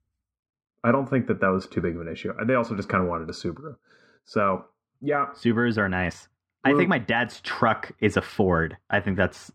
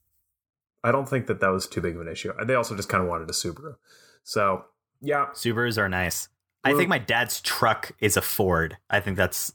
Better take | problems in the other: second | muffled; slightly; fading above 3 kHz

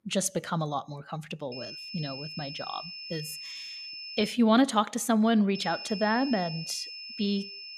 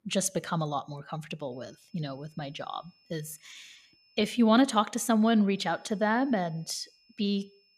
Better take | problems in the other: second | high-pitched whine; loud; from 1.5 to 4.5 s and from 5.5 s on; 5.5 kHz, 10 dB below the speech; faint in the second

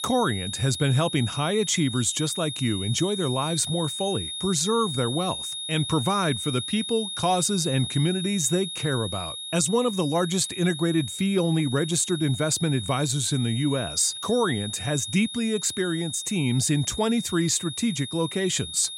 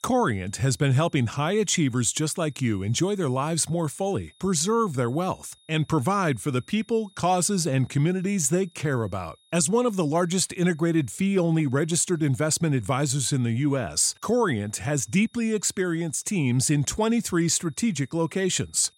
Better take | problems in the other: second | high-pitched whine; loud; throughout; 3.5 kHz, 7 dB below the speech; faint in the second

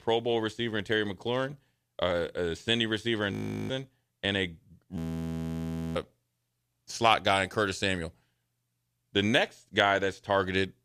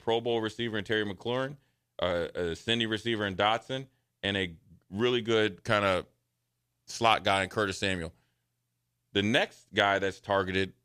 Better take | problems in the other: second | audio freezing; at 3.5 s and at 5 s for 1 s

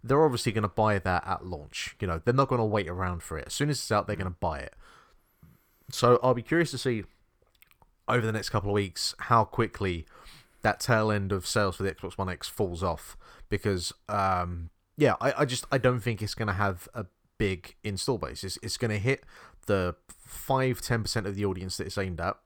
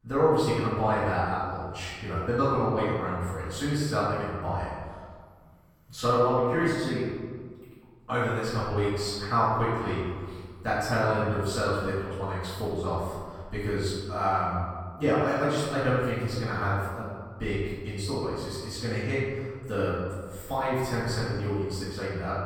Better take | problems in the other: first | off-mic speech; far // room echo; strong; dies away in 1.6 s

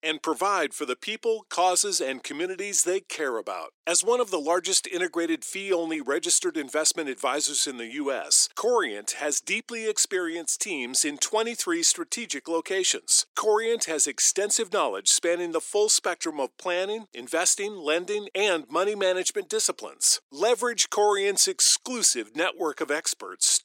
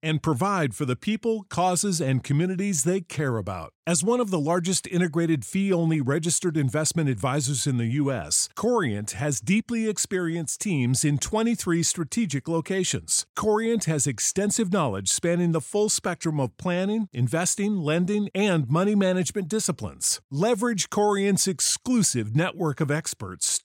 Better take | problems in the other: second | thin; very; fading below 350 Hz

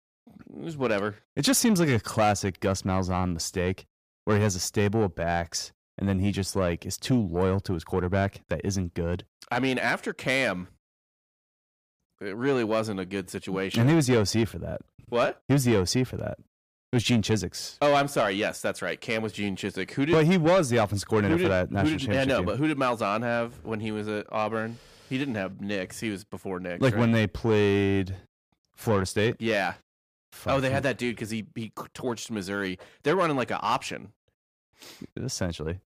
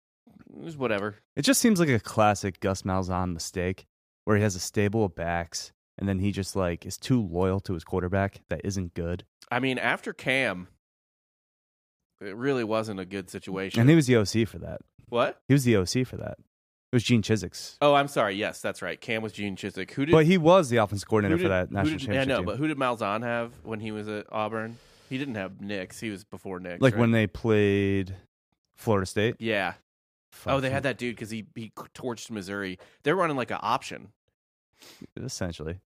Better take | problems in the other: second | distortion; slight; 10 dB below the speech

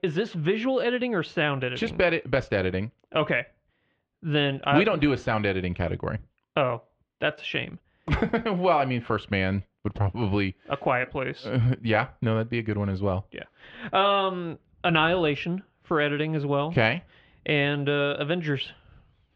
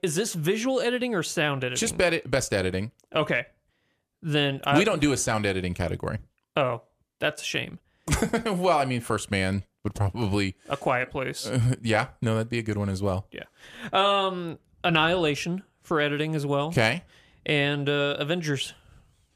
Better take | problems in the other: second | muffled; slightly; fading above 3.5 kHz

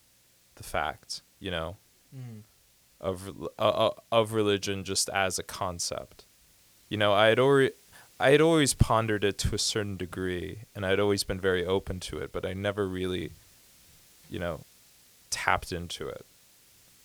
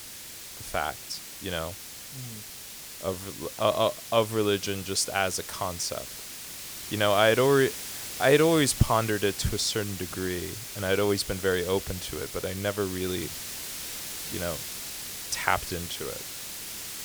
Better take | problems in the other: first | hiss; loud; throughout; 9 dB below the speech; faint in the first

